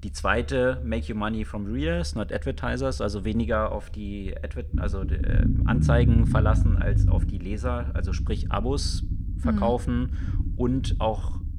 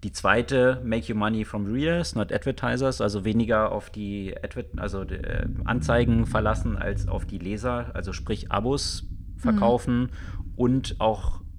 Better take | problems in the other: second | low rumble; loud; throughout; 10 dB below the speech; faint in the second

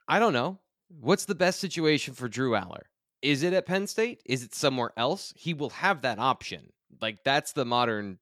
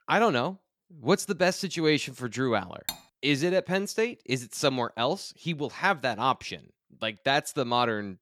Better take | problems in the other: first | clattering dishes; noticeable; at 3 s; peak 9 dB below the speech

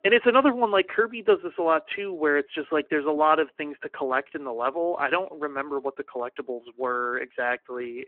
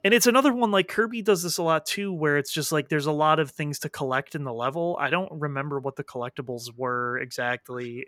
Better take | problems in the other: second | phone-call audio

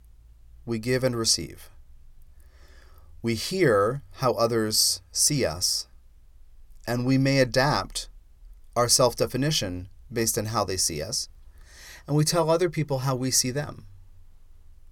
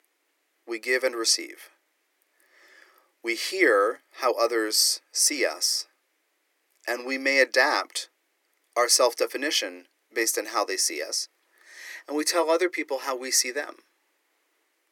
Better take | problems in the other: first | thin; very; fading below 300 Hz

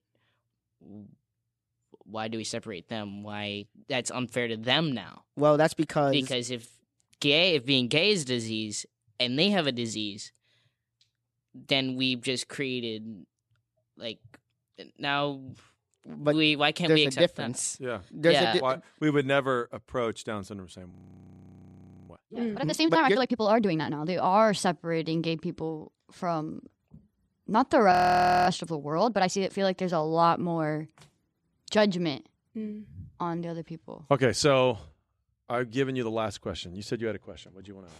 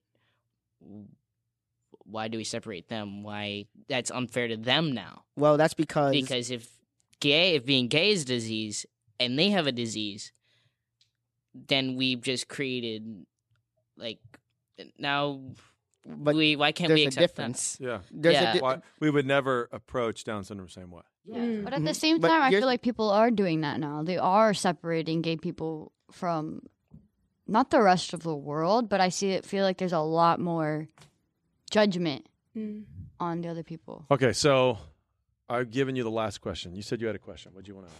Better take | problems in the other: second | audio freezing; at 21 s for 1 s and at 28 s for 0.5 s

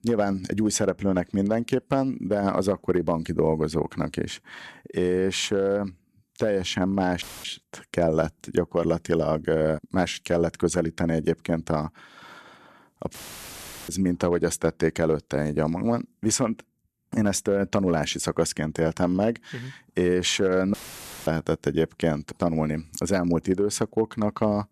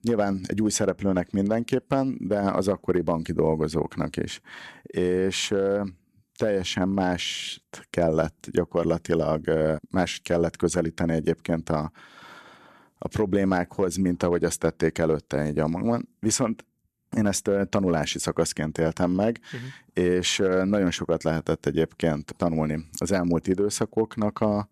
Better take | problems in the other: second | audio cutting out; filled with static; at 7 s, at 13 s for 1 s and at 21 s for 0.5 s

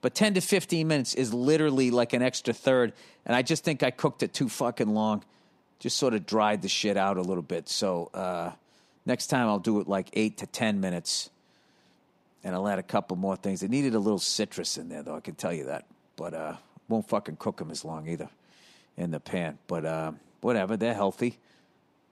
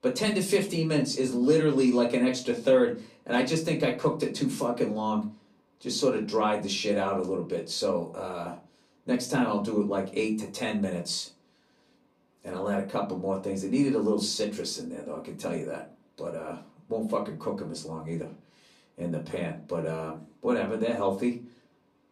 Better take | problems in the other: first | off-mic speech; far // room echo; very slight; dies away in 0.3 s

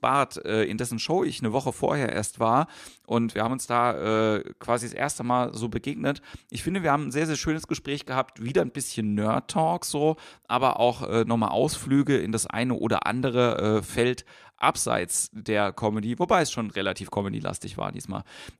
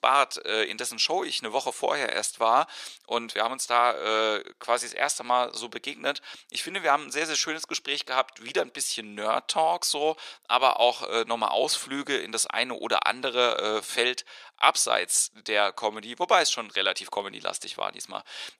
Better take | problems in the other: first | thin; very; fading below 600 Hz

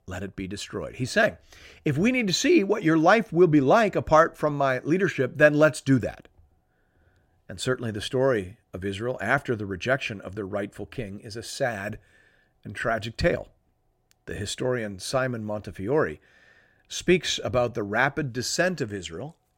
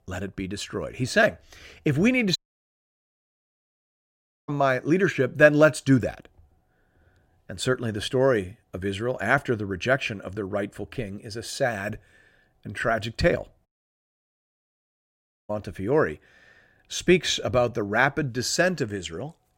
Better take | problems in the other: first | audio cutting out; at 2.5 s for 2 s and at 14 s for 2 s

